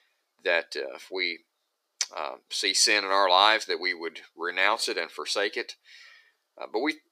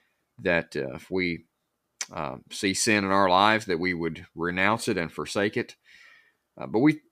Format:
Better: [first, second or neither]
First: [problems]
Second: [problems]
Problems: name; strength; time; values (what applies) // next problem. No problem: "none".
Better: second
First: thin; very; fading below 400 Hz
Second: none